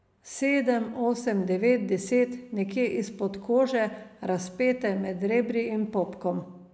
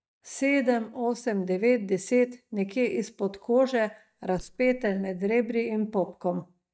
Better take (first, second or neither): first